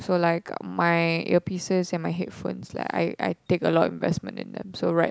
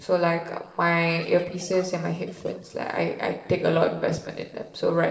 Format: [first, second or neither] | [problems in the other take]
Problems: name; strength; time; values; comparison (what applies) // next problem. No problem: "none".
first | noise reduction (neural separator model SepFormer DNS4)